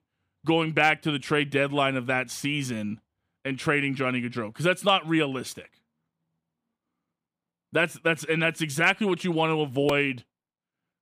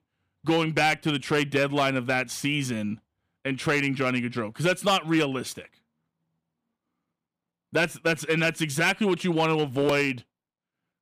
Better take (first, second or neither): first